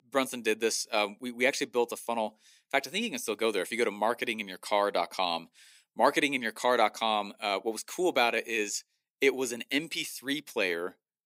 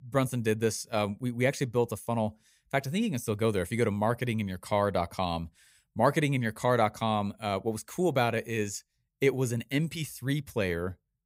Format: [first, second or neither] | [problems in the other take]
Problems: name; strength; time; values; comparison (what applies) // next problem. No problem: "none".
second | thin; somewhat; fading below 300 Hz